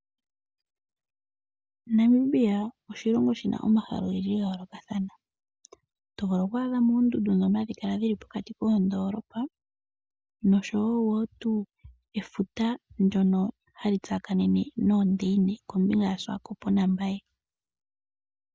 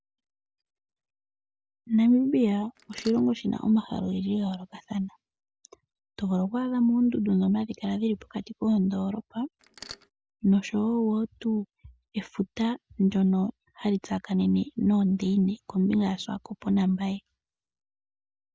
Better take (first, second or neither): first